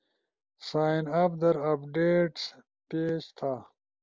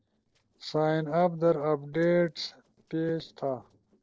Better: first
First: none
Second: noise reduction (neural separator model SepFormer DNS4)

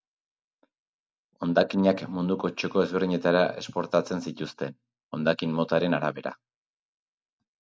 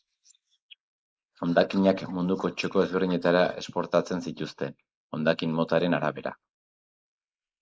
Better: first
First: none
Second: noise reduction (neural mask model Resemble Enhance denoiser)

